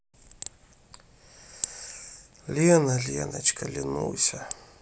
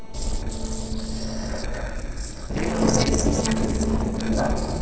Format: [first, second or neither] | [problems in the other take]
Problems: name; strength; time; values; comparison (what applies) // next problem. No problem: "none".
first | noise reduction (neural separator model SepFormer DNS4)